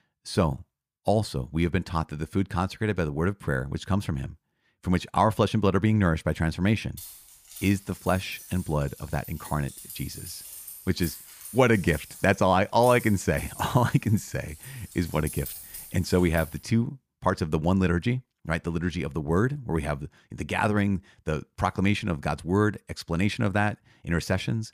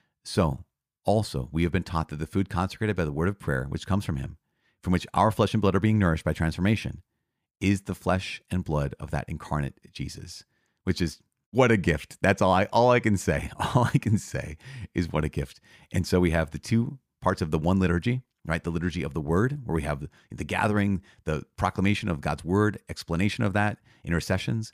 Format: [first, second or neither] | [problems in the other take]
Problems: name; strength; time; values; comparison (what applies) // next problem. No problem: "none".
second | jangling keys; noticeable; from 7 to 17 s; peak 9 dB below the speech